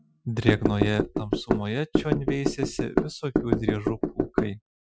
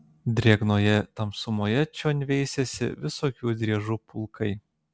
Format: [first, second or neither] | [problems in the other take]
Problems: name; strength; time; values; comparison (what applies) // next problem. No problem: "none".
second | noise reduction (classical method Wiener filter)